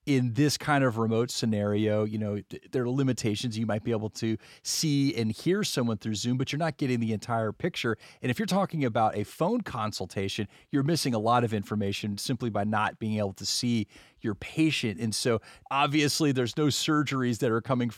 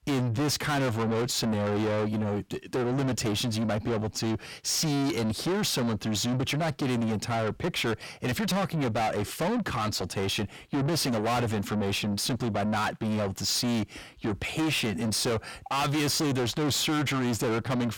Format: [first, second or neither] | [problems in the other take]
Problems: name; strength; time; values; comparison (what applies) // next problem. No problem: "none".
first | distortion; heavy; 6 dB below the speech